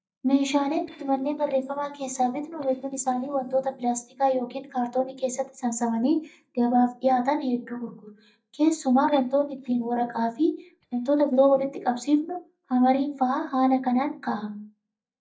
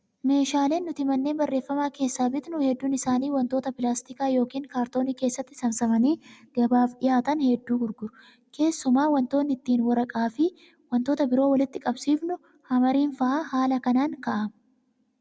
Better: second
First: noise reduction (neural mask model DeepFilterNet 3)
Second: none

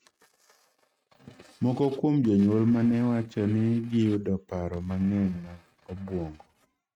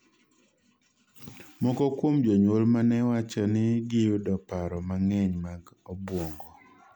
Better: second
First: noise reduction (neural mask model RNNoise)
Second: none

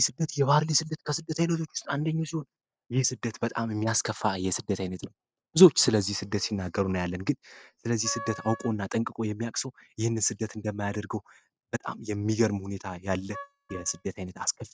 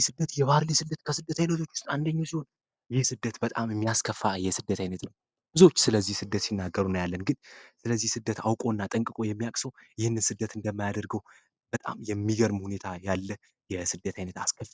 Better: second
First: noise reduction (neural mask model RNNoise)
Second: none

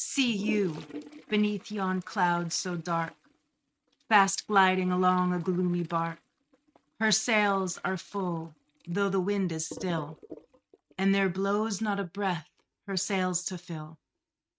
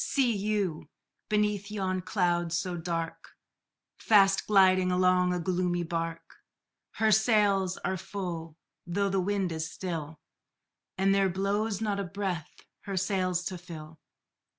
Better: second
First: noise reduction (neural mask model RNNoise)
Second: none

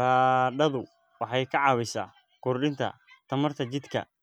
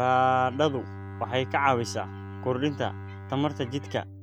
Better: first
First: none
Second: background sound (Bowed string instrument); 11 dB below the speech

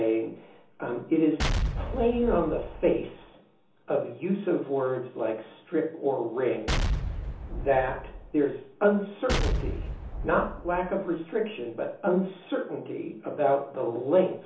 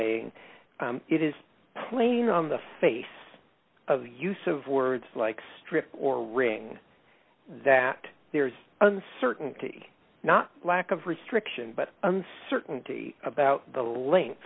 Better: second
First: background sound (Explosion); 3 dB below the speech // room echo; dies away in 1.2 s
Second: none

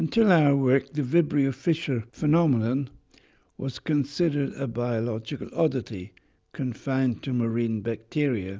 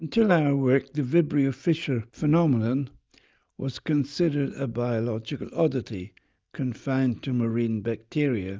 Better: first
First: none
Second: noise reduction (neural mask model DeepFilterNet 3)

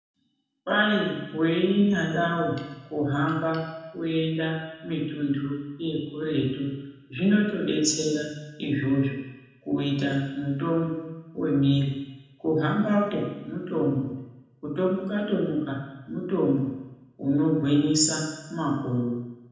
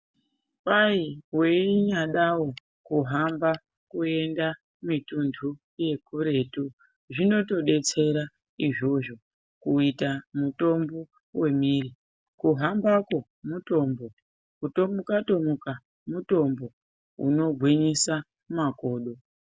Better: second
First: room echo; dies away in 1 s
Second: none

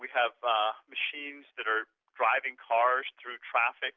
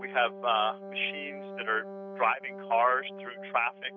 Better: first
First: none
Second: noise reduction (neural mask model RNNoise)

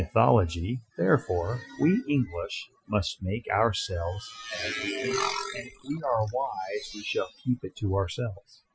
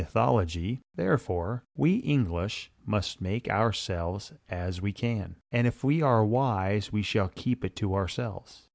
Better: second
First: noise reduction (classical method Wiener filter)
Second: none

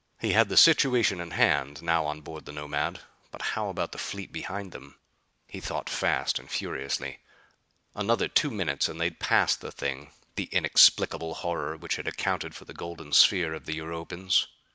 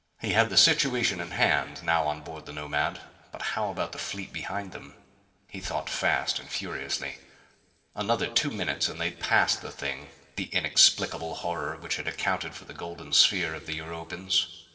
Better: first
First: none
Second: room echo; dies away in 1.5 s

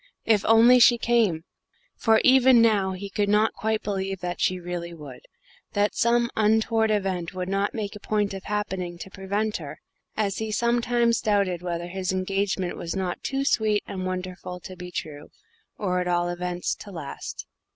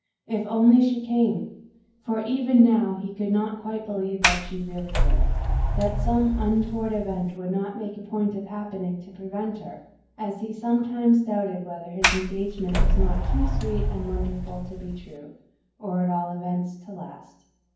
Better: first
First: none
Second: background sound (Sliding door); 2 dB above the speech // room echo; dies away in 0.9 s

